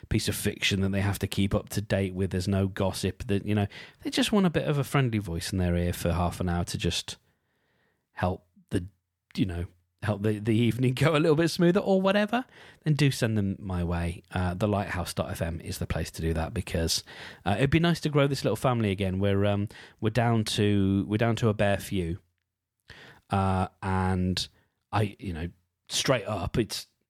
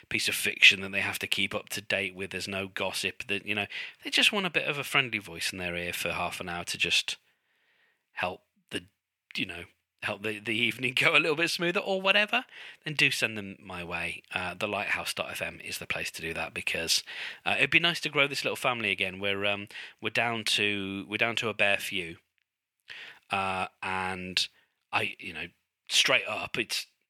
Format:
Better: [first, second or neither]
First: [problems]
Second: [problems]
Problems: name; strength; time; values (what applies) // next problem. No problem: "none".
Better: first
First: none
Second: thin; somewhat; fading below 800 Hz